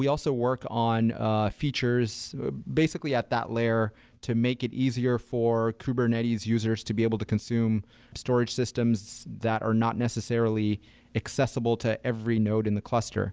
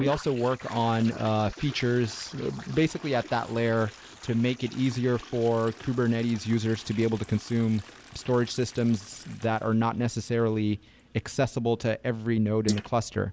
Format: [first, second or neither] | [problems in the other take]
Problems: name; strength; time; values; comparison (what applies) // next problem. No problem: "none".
first | noise reduction (neural mask model Resemble Enhance denoiser)